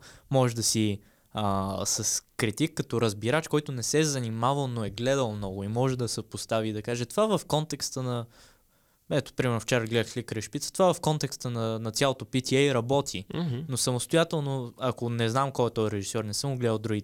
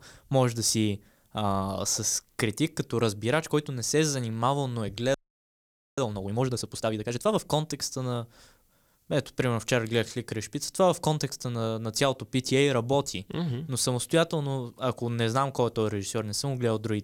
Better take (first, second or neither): first